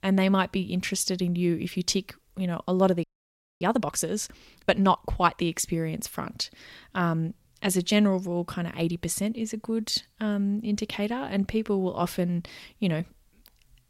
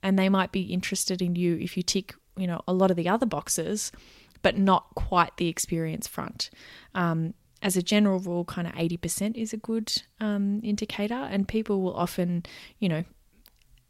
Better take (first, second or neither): second